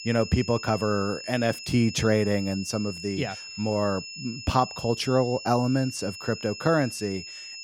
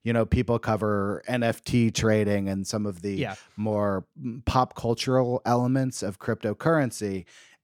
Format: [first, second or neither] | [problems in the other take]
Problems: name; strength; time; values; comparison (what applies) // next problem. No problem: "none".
second | high-pitched whine; noticeable; throughout; 5 kHz, 10 dB below the speech